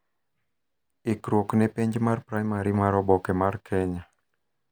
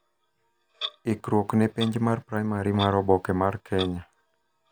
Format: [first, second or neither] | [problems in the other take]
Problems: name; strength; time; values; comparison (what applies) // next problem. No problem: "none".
first | background sound (Clock); 16 dB below the speech